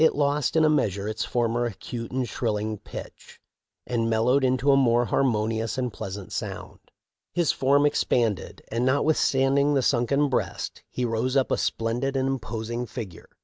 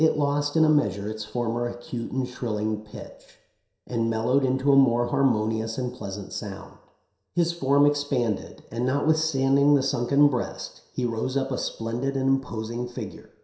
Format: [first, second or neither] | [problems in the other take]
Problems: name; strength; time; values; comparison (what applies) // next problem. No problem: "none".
first | room echo; dies away in 0.7 s